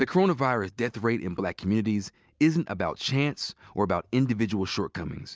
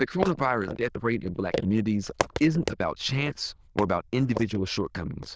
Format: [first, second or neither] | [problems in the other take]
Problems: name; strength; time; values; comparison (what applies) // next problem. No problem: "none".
first | noise reduction (neural diffusion model UNIVERSE++)